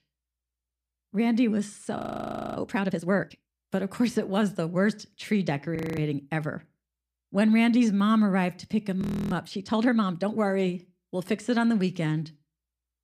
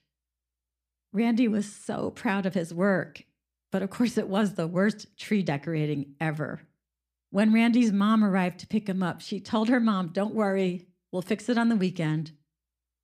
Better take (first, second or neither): second